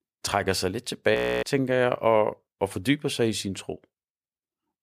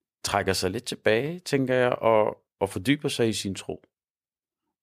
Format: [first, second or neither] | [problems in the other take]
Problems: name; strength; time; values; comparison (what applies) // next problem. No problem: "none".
second | audio freezing; at 1 s